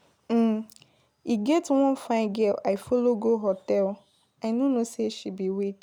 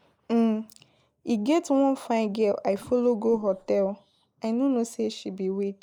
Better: first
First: none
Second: noise reduction (neural mask model Resemble Enhance denoiser)

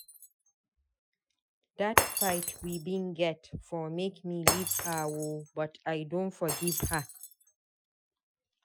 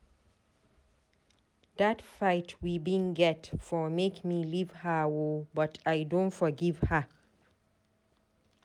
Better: second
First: noise reduction (classical method Wiener filter)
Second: none

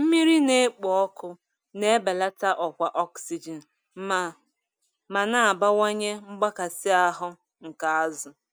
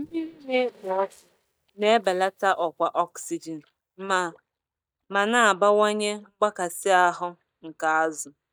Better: first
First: none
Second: noise reduction (neural mask model DeepFilterNet 3)

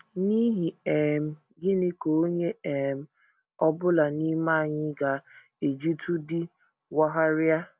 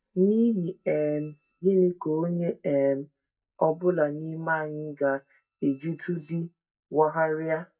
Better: first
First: none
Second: noise reduction (neural mask model DeepFilterNet 3)

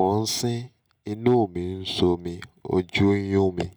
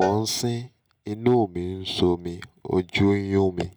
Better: first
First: none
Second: background sound (Cowbell); 16 dB below the speech

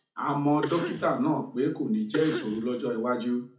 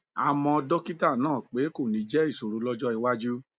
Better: second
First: background sound (Cough); 11 dB below the speech // room echo; dies away in 0.4 s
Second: none

